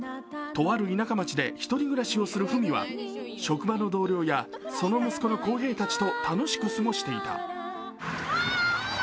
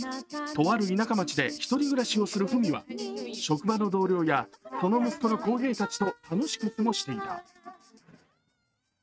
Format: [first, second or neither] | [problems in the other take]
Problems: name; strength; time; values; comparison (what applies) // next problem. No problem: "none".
first | noise reduction (neural mask model RNNoise)